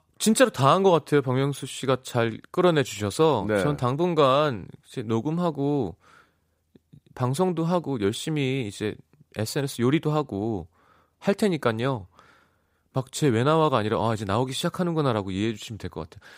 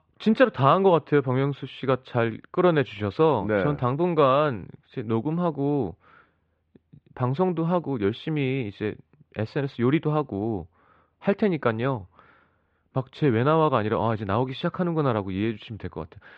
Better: first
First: none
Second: muffled; very; fading above 3 kHz

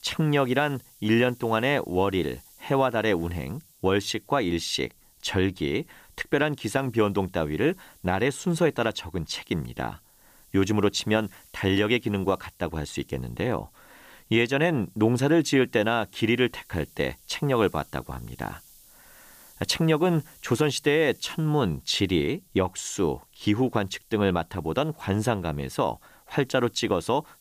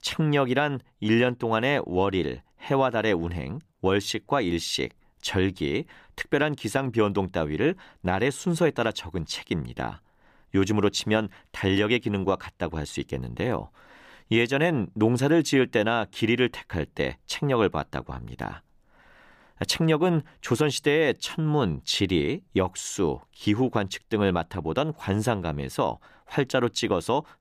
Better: second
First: hiss; faint; throughout; 25 dB below the speech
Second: none

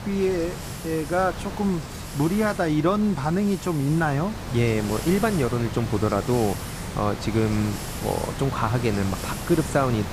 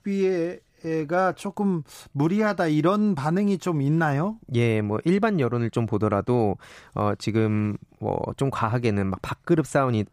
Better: second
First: hiss; loud; throughout; 9 dB below the speech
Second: none

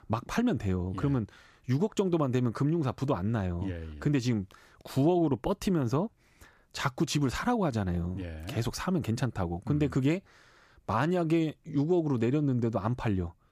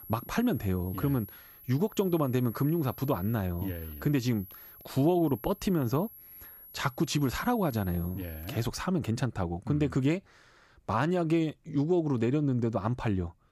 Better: first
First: none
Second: high-pitched whine; noticeable; until 8.5 s; 11.5 kHz, 15 dB below the speech

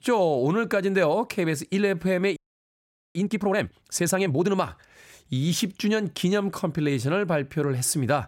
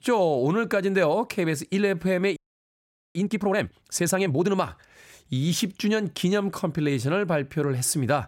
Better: neither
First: audio freezing; at 2.5 s for 1 s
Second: audio freezing; at 2.5 s for 1 s

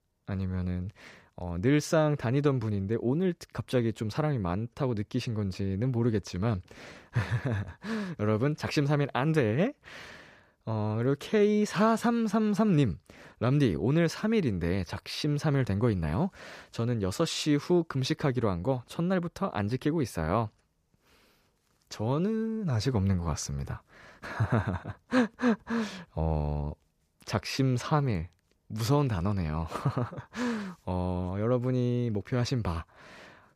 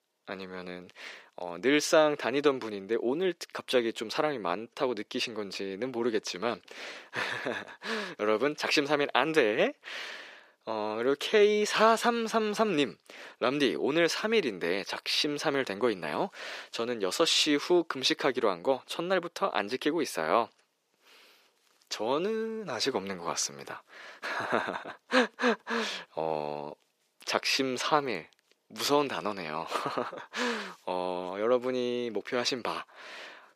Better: first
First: none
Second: thin; somewhat; fading below 350 Hz

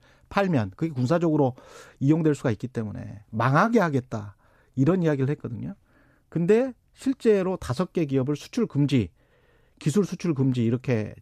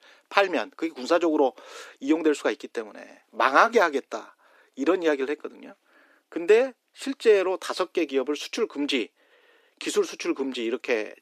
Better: first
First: none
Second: thin; somewhat; fading below 300 Hz

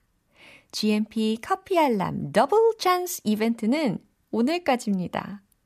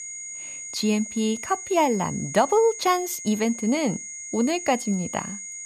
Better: first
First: none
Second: high-pitched whine; loud; throughout; 6.5 kHz, 9 dB below the speech

